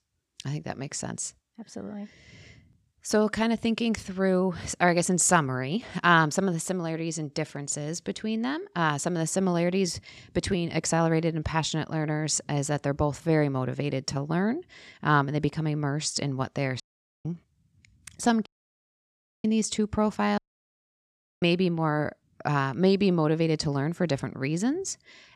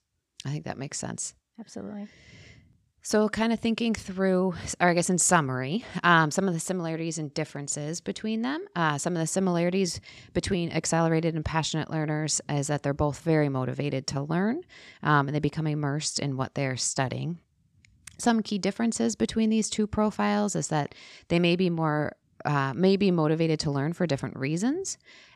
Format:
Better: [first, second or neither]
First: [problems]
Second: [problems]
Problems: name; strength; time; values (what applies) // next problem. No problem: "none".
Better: second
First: audio cutting out; at 17 s, at 18 s for 1 s and at 20 s for 1 s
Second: none